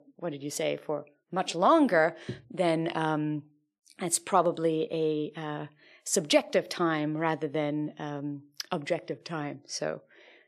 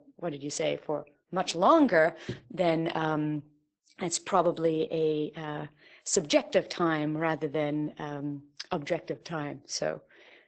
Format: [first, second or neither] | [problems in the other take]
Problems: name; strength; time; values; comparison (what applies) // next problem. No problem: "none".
first | garbled, watery; badly; nothing above 8 kHz